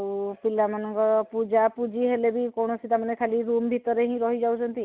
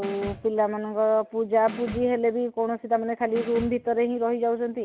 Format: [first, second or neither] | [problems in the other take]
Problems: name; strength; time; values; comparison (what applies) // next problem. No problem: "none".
first | background sound (Snare drum); 15 dB below the speech